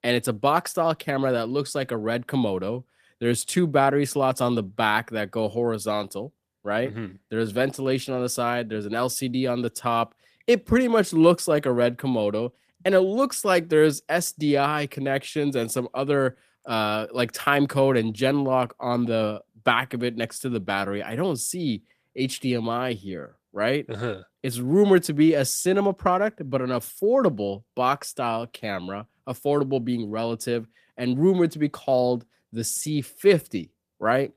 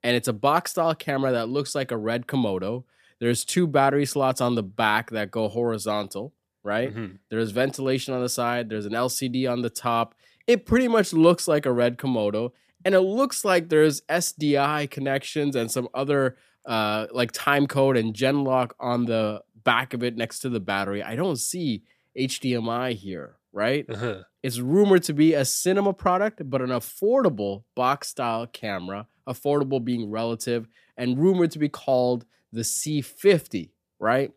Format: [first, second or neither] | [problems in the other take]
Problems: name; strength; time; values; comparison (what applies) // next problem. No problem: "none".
second | garbled, watery; slightly; nothing above 14.5 kHz